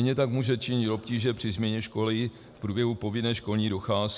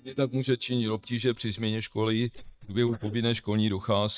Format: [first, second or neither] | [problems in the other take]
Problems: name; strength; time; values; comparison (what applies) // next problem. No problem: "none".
first | noise reduction (neural mask model DeepFilterNet 3)